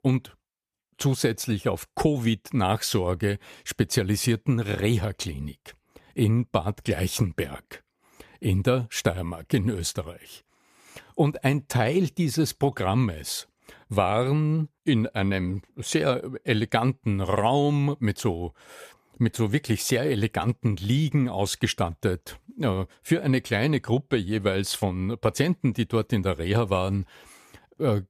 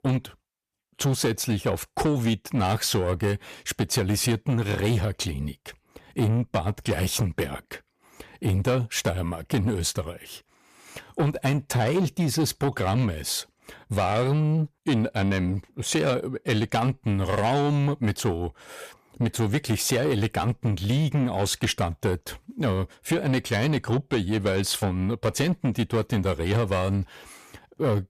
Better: first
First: none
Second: distortion; slight; 10 dB below the speech

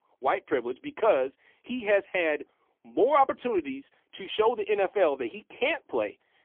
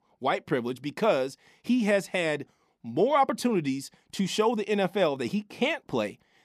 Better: second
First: phone-call audio; poor line; nothing above 3.5 kHz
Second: none

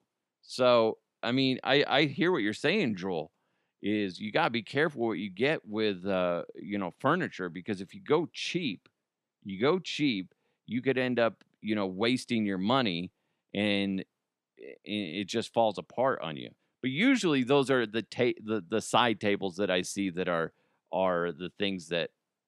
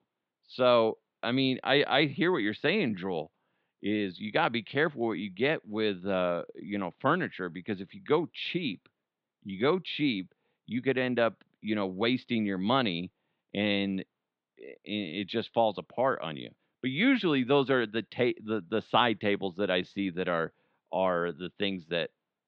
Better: first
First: none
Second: muffled; very slightly; fading above 4 kHz

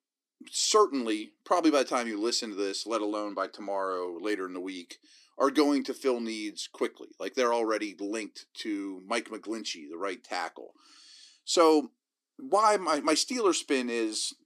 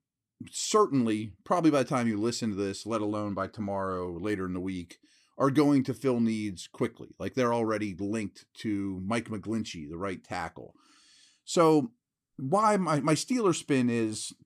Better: second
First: thin; very slightly; fading below 300 Hz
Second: none

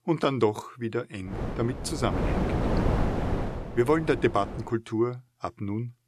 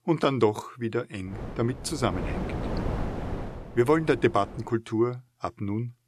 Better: second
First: wind noise on the microphone; heavy; from 1.5 to 4.5 s; 5 dB below the speech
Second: wind noise on the microphone; occasional gusts; from 1.5 to 4.5 s; 10 dB below the speech

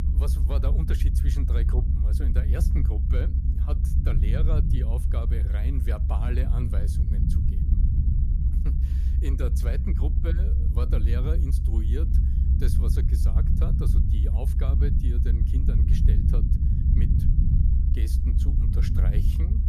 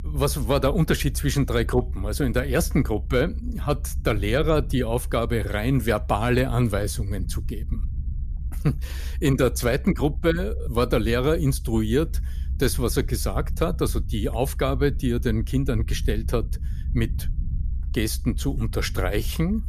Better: second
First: low rumble; loud; throughout; as loud as the speech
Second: low rumble; faint; throughout; 25 dB below the speech

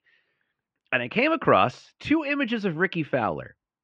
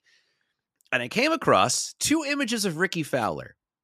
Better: second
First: muffled; very; fading above 2.5 kHz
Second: none

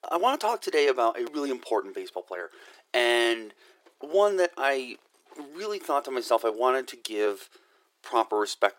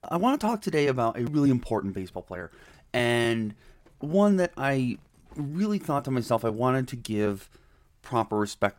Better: second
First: thin; very; fading below 350 Hz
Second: none

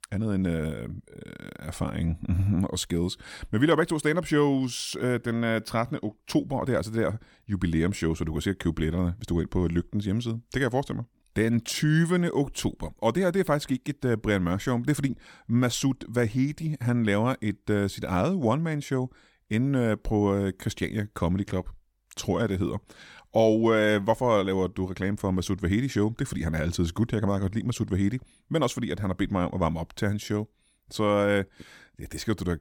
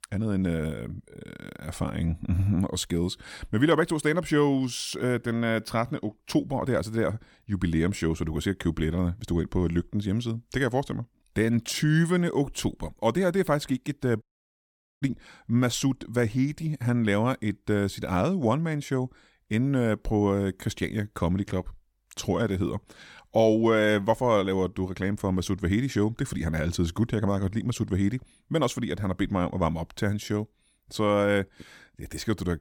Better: first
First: none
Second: audio cutting out; at 14 s for 1 s

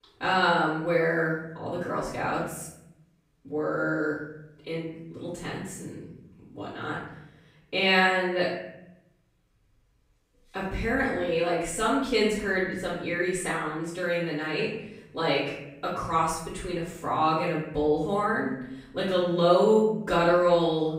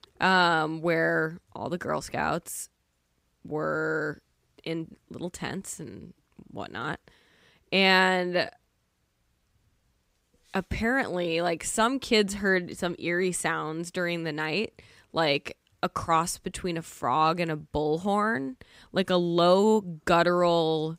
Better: second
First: off-mic speech; far // room echo; noticeable; dies away in 0.8 s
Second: none

